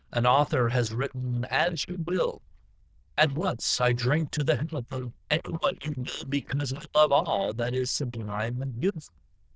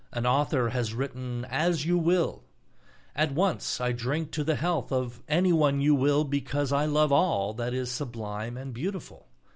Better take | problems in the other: second | noise reduction (neural diffusion model UNIVERSE++)

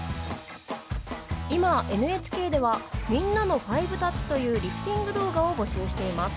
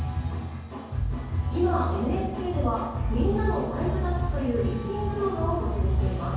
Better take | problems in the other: first | room echo; dies away in 1.3 s

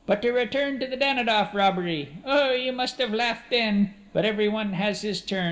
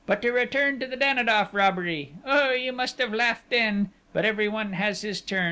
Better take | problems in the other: second | room echo; dies away in 0.9 s

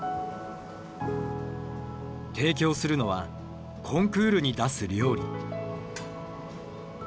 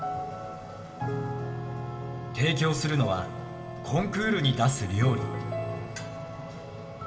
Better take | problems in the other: first | background sound (Wind instrument, woodwind instrument); 16 dB below the speech // room echo; dies away in 1.8 s

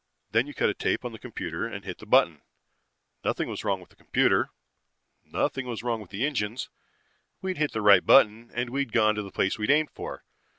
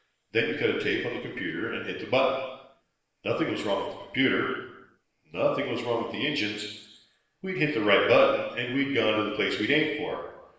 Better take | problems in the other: first | room echo; dies away in 1 s

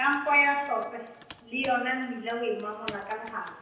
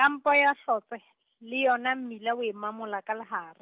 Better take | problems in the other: second | background sound (Computer keyboard); 20 dB below the speech // room echo; dies away in 0.9 s

